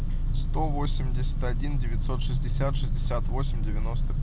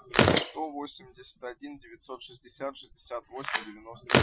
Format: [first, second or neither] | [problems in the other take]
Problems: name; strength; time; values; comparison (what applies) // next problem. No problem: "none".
first | noise reduction (classical method Wiener filter)